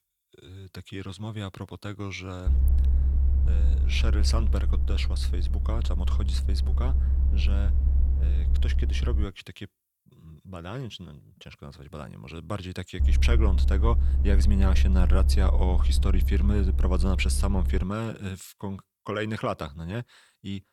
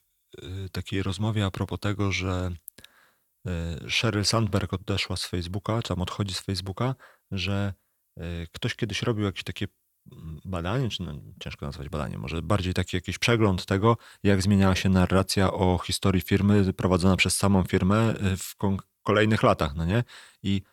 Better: second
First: low rumble; loud; from 2.5 to 9 s and from 13 to 18 s; 9 dB below the speech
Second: none

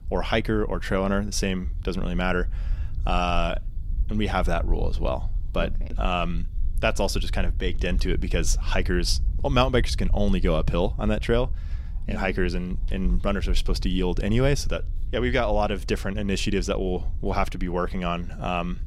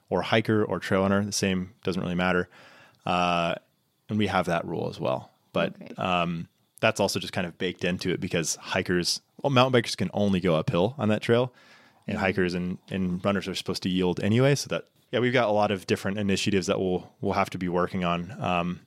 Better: second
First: low rumble; faint; throughout; 25 dB below the speech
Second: none

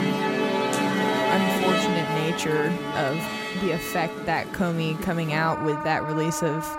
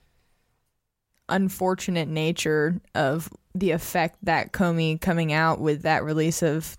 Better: second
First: background music; loud; throughout; as loud as the speech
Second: none

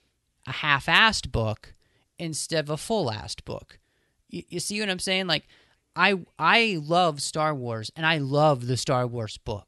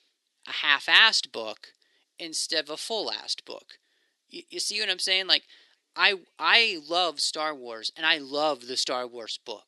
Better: first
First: none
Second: thin; somewhat; fading below 300 Hz

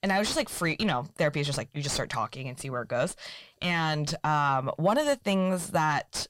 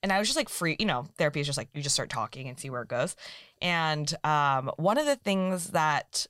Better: second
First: distortion; slight; 9 dB below the speech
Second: none

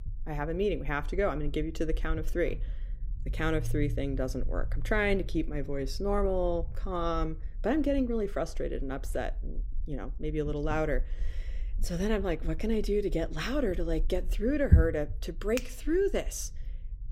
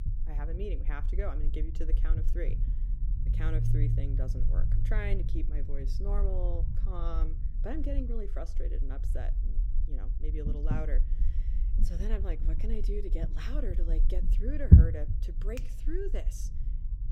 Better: first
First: low rumble; faint; throughout; 20 dB below the speech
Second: low rumble; loud; throughout; 2 dB below the speech

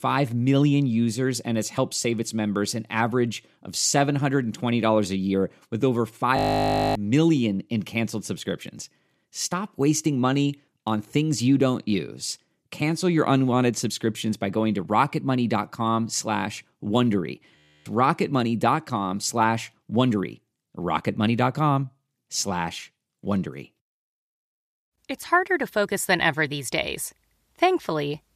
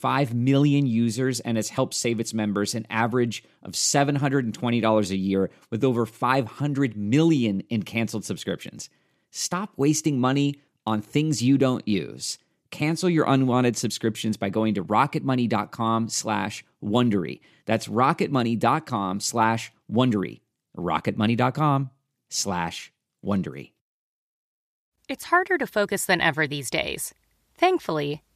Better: second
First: audio freezing; at 6.5 s for 0.5 s and at 18 s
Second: none

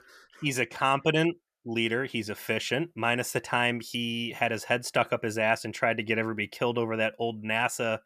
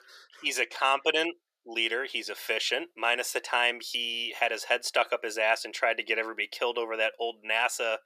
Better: first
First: none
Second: thin; very; fading below 400 Hz

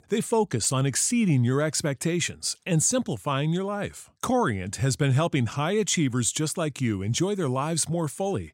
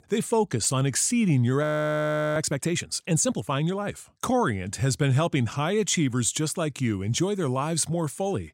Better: first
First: none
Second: audio freezing; at 1.5 s for 0.5 s

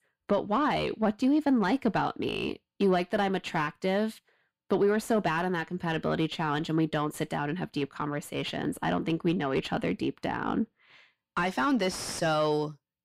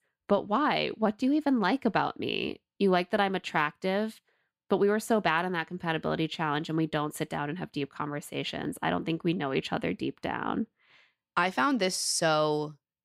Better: second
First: distortion; slight; 10 dB below the speech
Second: none

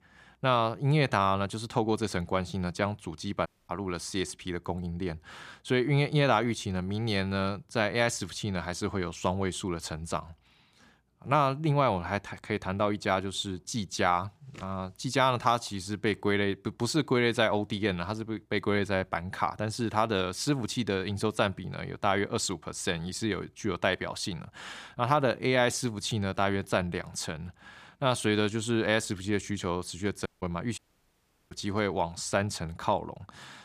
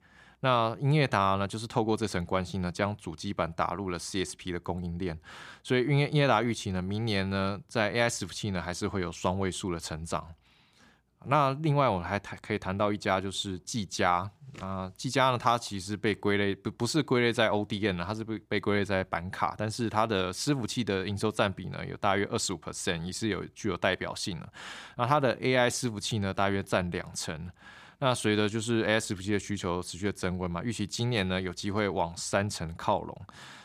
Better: second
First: audio cutting out; at 3.5 s, at 30 s and at 31 s for 0.5 s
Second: none

